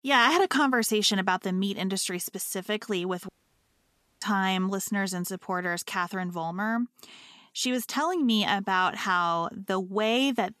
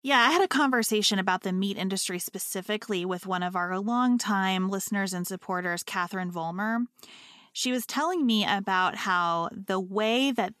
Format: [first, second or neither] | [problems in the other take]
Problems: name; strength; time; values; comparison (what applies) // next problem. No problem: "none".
second | audio cutting out; at 3.5 s for 1 s